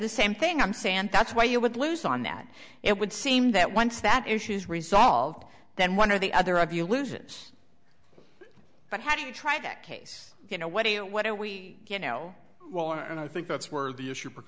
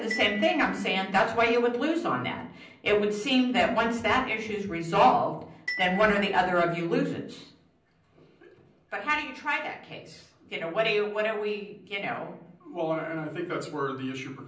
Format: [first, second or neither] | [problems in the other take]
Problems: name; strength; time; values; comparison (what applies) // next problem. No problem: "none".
first | background sound (Glockenspiel); 14 dB below the speech // room echo; dies away in 0.6 s